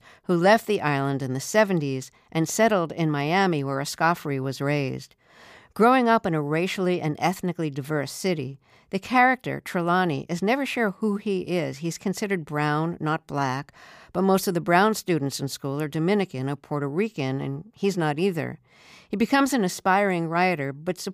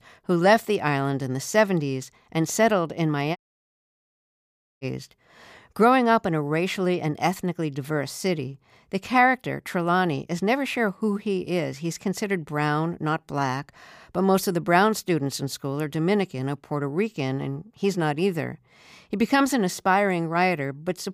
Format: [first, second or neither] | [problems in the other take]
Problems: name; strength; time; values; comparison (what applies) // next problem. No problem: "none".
first | audio cutting out; at 3.5 s for 1.5 s